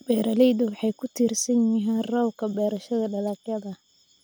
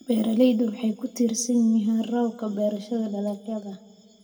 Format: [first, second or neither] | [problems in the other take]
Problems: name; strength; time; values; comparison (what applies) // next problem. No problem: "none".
first | room echo; dies away in 0.9 s